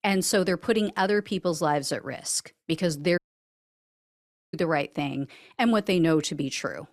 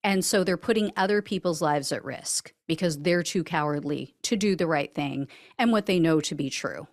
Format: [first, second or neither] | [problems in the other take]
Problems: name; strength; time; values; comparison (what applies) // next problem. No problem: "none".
second | audio cutting out; at 3 s for 1.5 s